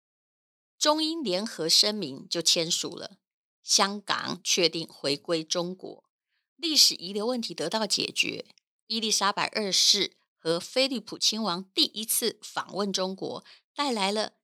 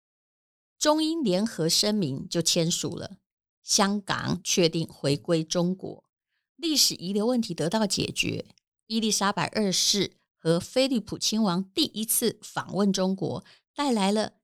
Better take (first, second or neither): second